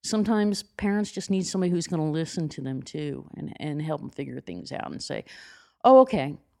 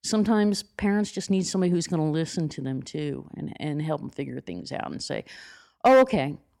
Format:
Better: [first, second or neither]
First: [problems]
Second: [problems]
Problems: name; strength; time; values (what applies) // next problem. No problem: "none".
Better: first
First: none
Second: distortion; slight; 1.1% of the sound clipped